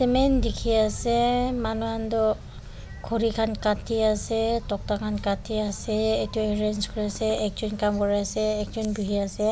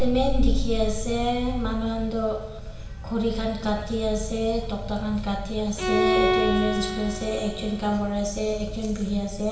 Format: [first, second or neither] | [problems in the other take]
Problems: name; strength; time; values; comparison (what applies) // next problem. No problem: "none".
first | background sound (Bowed string instrument); 3 dB below the speech // room echo; dies away in 1.1 s